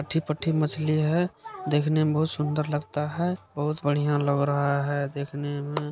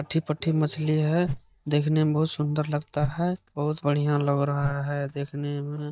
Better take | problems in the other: first | noise reduction (neural mask model DeepFilterNet 3)

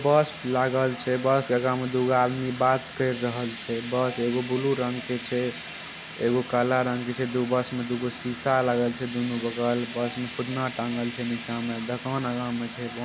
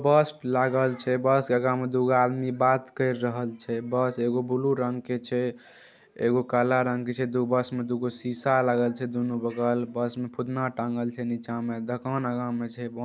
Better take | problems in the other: second | background sound (Fire); 13 dB below the speech

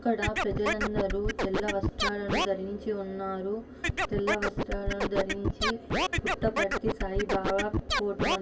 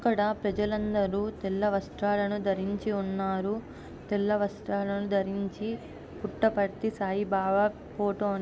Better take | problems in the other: second | background sound (Scratching (performance technique)); 2 dB above the speech // room echo; dies away in 0.1 s

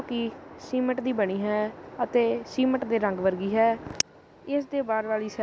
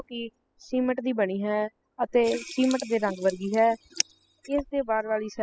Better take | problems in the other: first | noise reduction (classical method spectral subtraction)

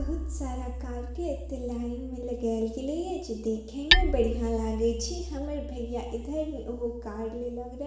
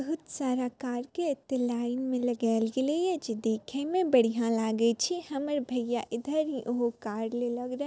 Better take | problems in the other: second | background sound (Hammer); as loud as the speech // room echo; dies away in 0.9 s

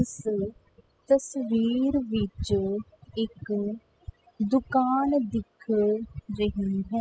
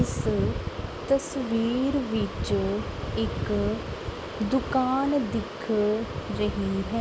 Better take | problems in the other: second | noise reduction (classical method spectral subtraction)

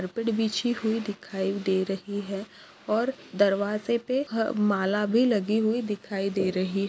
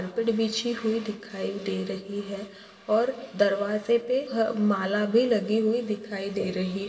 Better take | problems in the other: first | room echo; dies away in 1.2 s

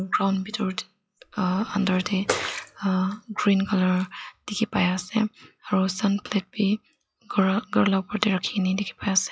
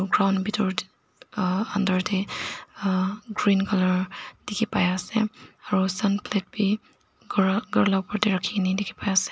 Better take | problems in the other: second | noise reduction (classical method log-MMSE)

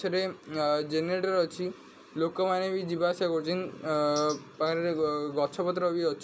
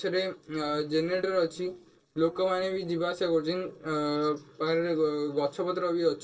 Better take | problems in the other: first | noise reduction (neural separator model SepFormer DNS4)

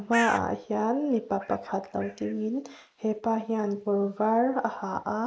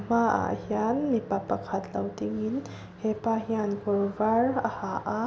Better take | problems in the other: second | noise reduction (neural mask model Resemble Enhance denoiser)

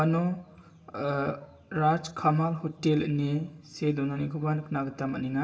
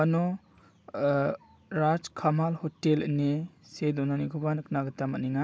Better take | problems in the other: second | room echo; dies away in 0.8 s

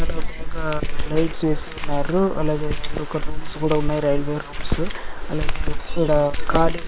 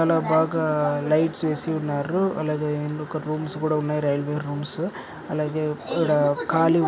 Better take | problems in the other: second | noise reduction (neural separator model SepFormer WHAM!)

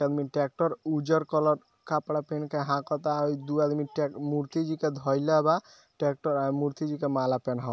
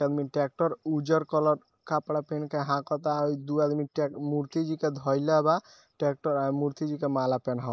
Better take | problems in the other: first | noise reduction (neural mask model Resemble Enhance denoiser)

